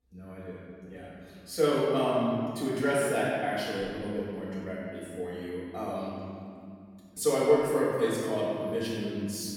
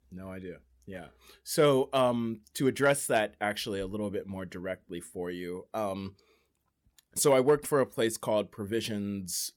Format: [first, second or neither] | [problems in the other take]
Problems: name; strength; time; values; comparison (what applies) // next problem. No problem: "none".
second | off-mic speech; far // room echo; strong; dies away in 2.3 s